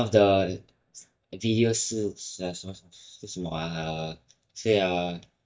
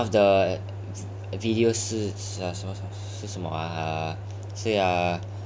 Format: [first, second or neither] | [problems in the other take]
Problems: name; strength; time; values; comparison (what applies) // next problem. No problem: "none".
second | noise reduction (neural mask model DeepFilterNet 3)